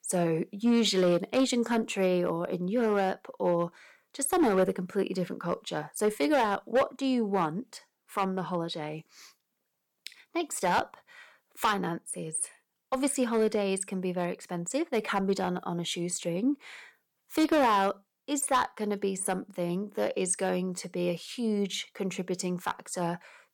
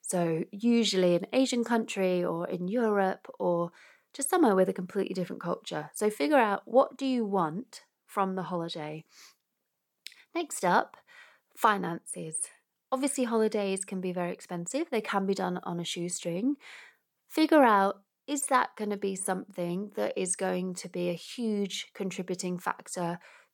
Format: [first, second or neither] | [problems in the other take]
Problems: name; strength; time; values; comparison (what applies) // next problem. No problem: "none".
second | distortion; slight; 2% of the sound clipped